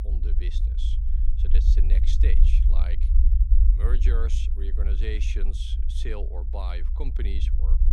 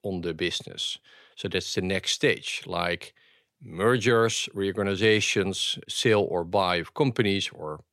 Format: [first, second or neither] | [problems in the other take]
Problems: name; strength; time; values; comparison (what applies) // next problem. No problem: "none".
second | low rumble; loud; throughout; 5 dB below the speech